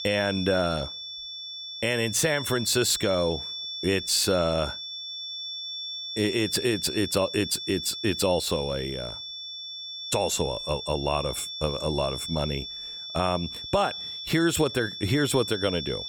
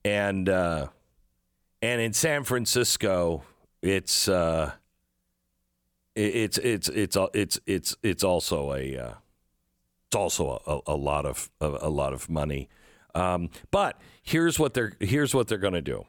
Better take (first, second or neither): second